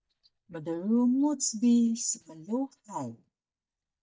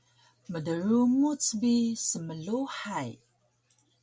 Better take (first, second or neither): second